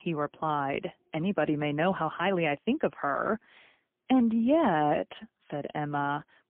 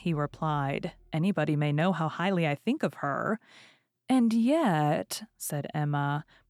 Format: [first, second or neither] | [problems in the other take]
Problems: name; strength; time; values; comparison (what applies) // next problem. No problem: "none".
second | phone-call audio; poor line; nothing above 3 kHz